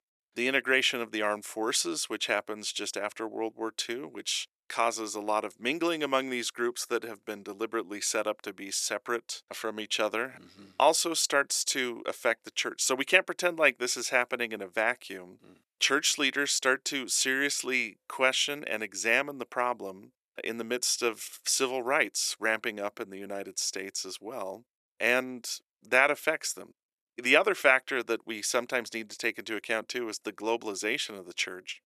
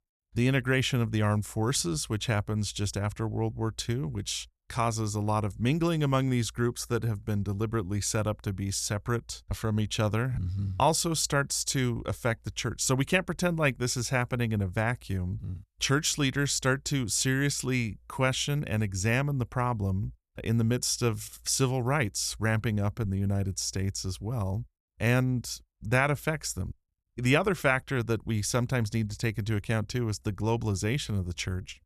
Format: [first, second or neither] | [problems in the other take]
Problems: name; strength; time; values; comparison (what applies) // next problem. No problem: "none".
second | thin; very; fading below 300 Hz